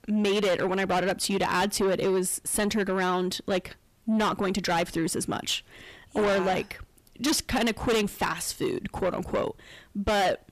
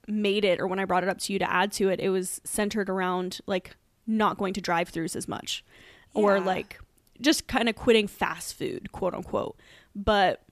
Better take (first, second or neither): second